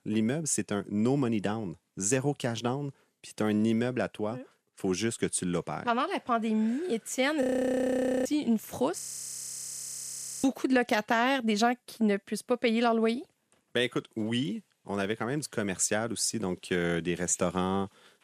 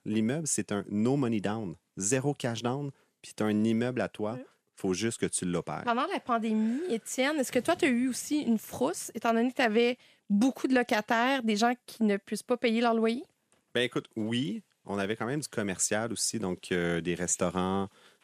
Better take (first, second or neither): second